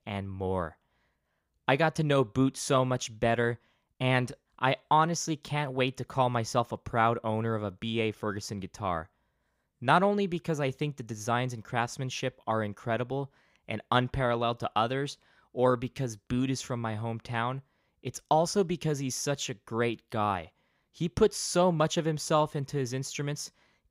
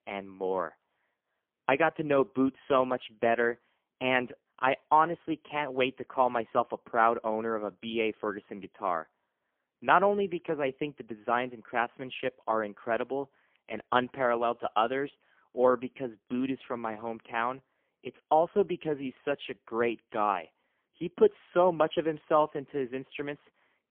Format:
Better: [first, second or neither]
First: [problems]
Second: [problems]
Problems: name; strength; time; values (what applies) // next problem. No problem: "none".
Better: first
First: none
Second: phone-call audio; poor line; nothing above 3.5 kHz